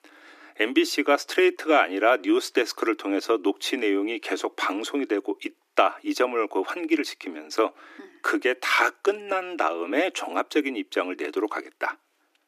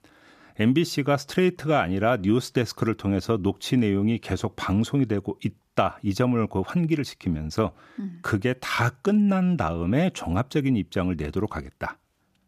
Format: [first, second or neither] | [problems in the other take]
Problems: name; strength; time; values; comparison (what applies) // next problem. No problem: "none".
second | thin; somewhat; fading below 300 Hz